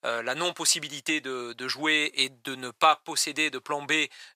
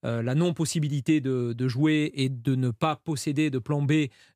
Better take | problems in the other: second | thin; very; fading below 900 Hz

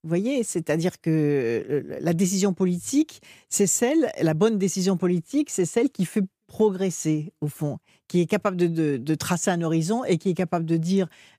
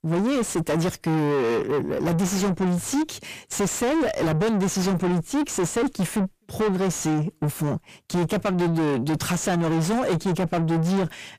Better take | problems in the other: first | distortion; heavy; 5 dB below the speech

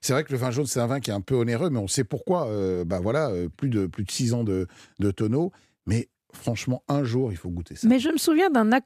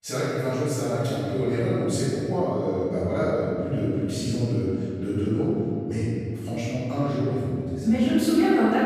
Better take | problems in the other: first | off-mic speech; far // room echo; strong; dies away in 2.6 s

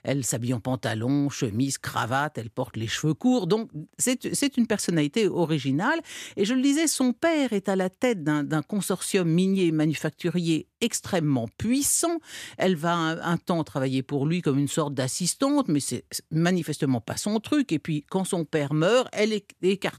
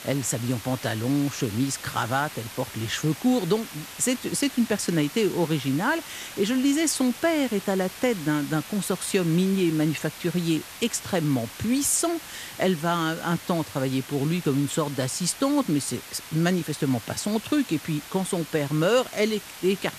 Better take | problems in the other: first | hiss; noticeable; throughout; 15 dB below the speech

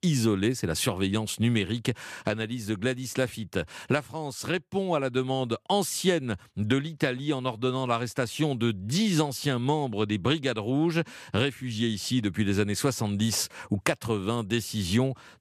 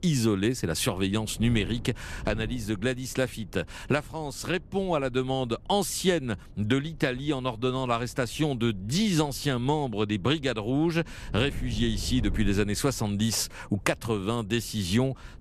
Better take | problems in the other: first | wind noise on the microphone; occasional gusts; 25 dB below the speech

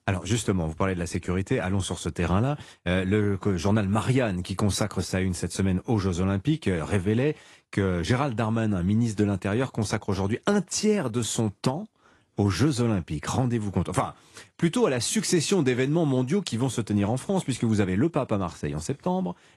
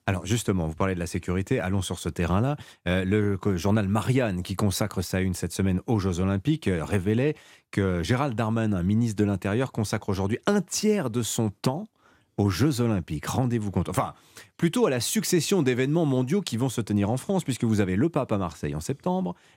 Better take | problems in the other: second | garbled, watery; slightly; nothing above 11.5 kHz

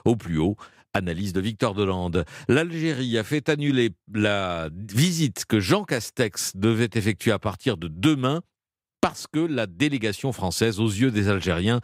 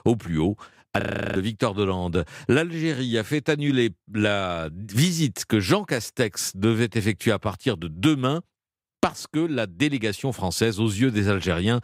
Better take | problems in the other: first | audio freezing; at 1 s

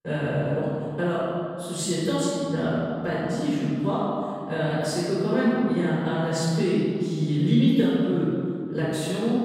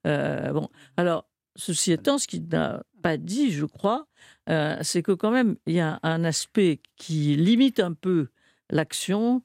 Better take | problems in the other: second | off-mic speech; far // room echo; strong; dies away in 2.2 s

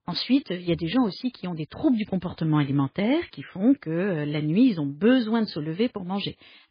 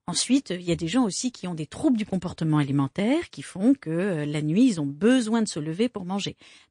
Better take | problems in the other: second | garbled, watery; badly; nothing above 4.5 kHz; slightly in the second

